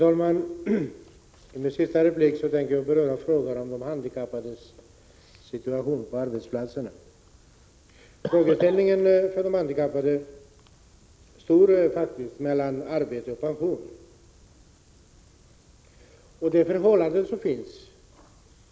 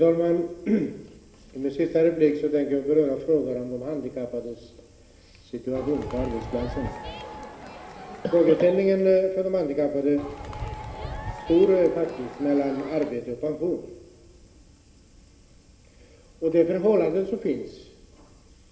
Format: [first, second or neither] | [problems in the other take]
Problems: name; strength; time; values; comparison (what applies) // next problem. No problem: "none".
first | background sound (Crowd); 11 dB below the speech // room echo; dies away in 1.8 s